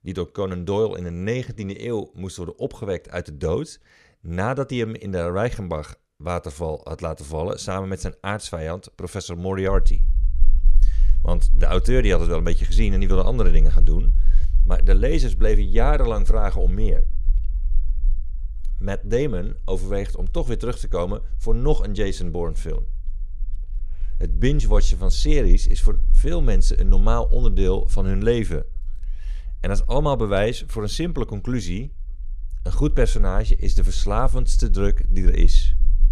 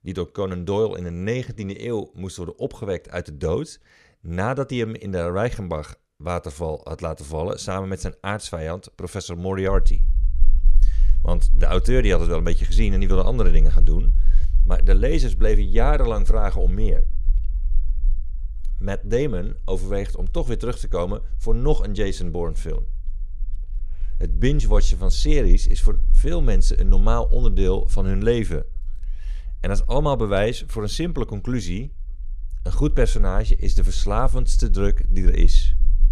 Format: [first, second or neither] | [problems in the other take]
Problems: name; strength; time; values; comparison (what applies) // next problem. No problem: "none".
neither | low rumble; faint; from 9.5 s on; 25 dB below the speech; the same in both